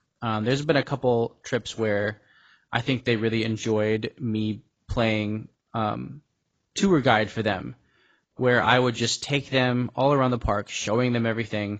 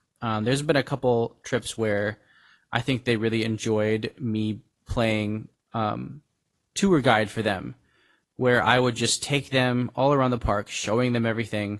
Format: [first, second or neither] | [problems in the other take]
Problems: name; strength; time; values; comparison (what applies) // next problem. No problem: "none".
second | garbled, watery; badly; nothing above 7.5 kHz; slightly in the second